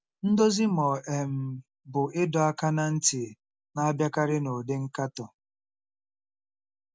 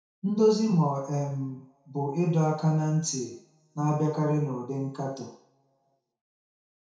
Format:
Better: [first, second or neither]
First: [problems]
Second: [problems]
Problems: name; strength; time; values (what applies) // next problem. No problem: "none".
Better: first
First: none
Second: room echo; dies away in 0.6 s